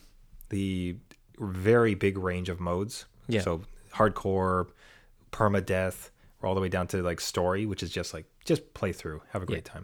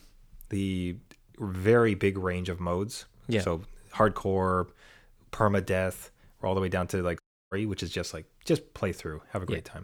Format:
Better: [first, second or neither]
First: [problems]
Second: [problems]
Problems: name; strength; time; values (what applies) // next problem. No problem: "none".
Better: first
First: none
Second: audio cutting out; at 7 s